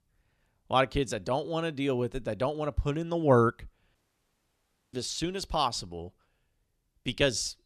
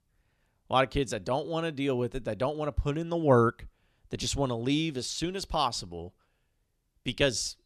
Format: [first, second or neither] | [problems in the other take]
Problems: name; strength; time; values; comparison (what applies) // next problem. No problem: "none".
second | audio cutting out; at 4 s for 1 s